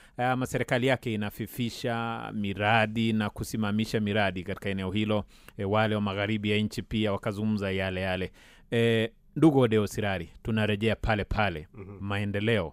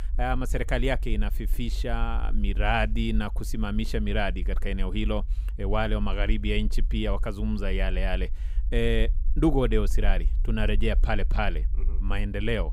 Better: first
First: none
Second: low rumble; faint; throughout; 25 dB below the speech

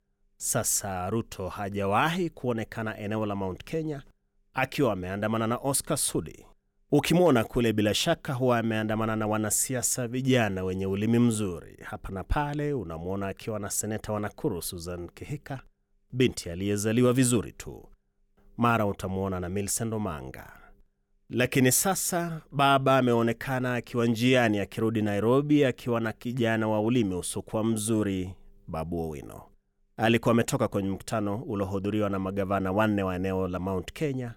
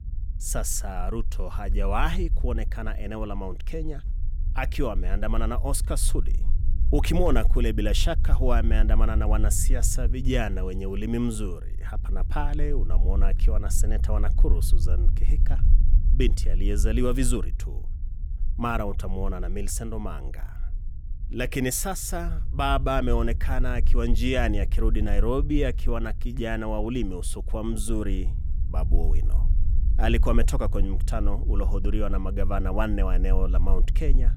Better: first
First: none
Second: low rumble; noticeable; throughout; 15 dB below the speech

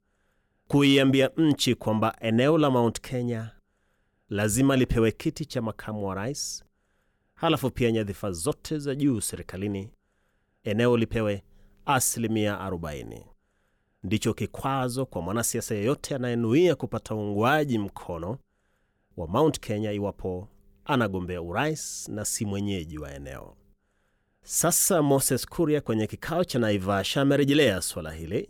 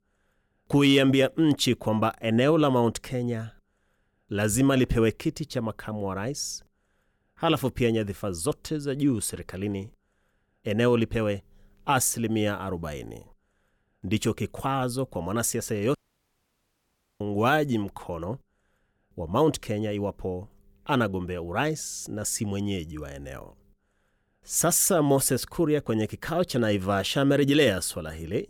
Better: first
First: none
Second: audio cutting out; at 16 s for 1.5 s

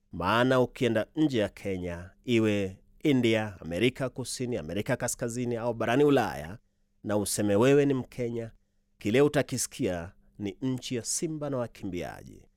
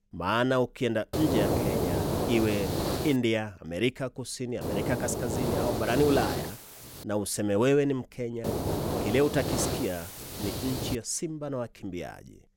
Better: first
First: none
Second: hiss; loud; from 1 to 3 s, from 4.5 to 7 s and from 8.5 to 11 s; 2 dB below the speech

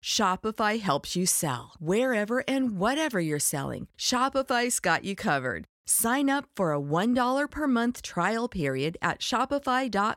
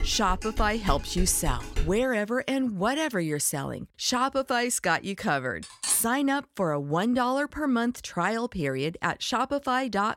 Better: first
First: none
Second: clattering dishes; noticeable; until 2 s and at 5.5 s; peak 6 dB below the speech

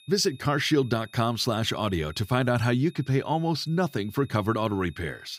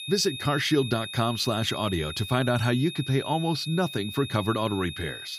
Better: first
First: high-pitched whine; faint; throughout; 3.5 kHz, 25 dB below the speech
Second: high-pitched whine; loud; throughout; 3.5 kHz, 9 dB below the speech

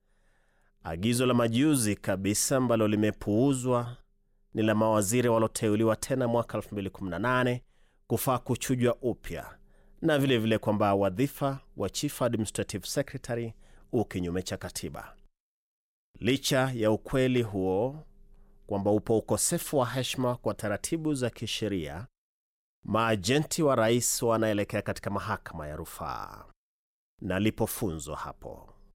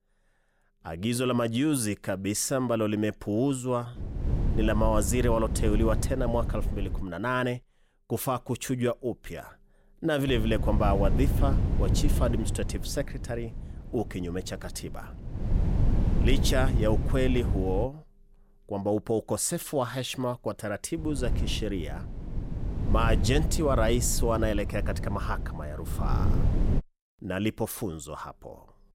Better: first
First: none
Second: wind noise on the microphone; occasional gusts; from 4 to 7 s, from 10 to 18 s and from 21 to 27 s; 10 dB below the speech

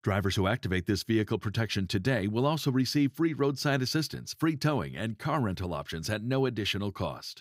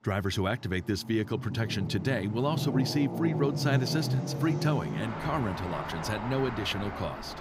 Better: first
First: none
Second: traffic noise; loud; throughout; 3 dB below the speech

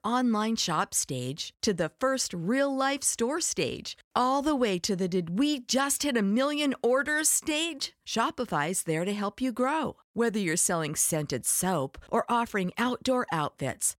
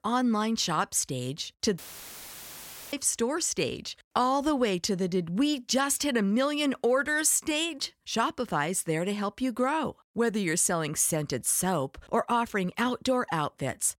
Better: first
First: none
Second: audio cutting out; filled with static; at 2 s for 1 s

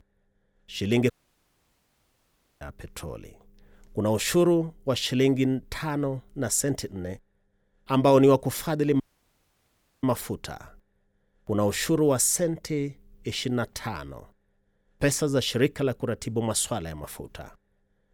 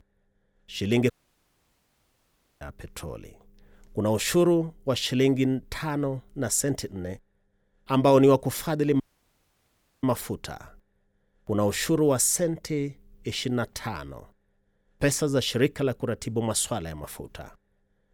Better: neither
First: audio cutting out; at 1 s for 1.5 s and at 9 s for 1 s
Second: audio cutting out; at 1 s for 1.5 s and at 9 s for 1 s

